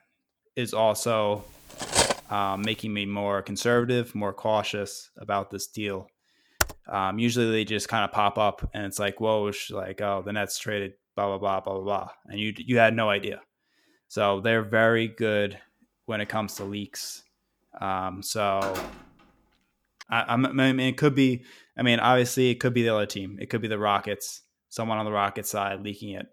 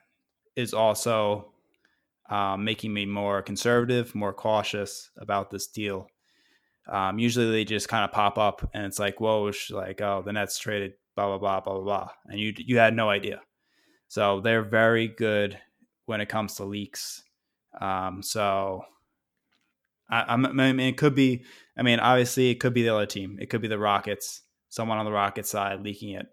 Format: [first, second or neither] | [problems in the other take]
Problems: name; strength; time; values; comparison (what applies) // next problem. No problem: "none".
second | clattering dishes; loud; at 2 s; peak 4 dB above the speech // keyboard typing; very faint; at 6.5 s; peak 2 dB below the speech // door banging; noticeable; from 16 to 20 s; peak 8 dB below the speech